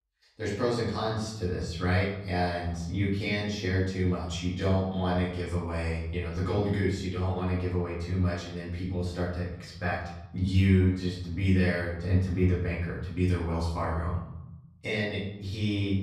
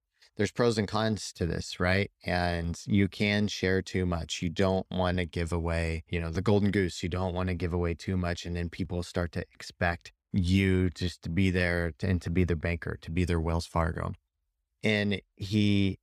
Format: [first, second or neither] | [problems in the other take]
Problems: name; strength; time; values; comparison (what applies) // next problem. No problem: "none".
second | off-mic speech; far // room echo; noticeable; dies away in 0.9 s